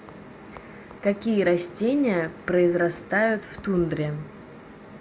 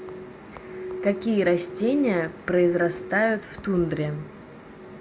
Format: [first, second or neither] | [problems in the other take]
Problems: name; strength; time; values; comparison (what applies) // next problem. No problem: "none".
first | background sound (Glass); 14 dB below the speech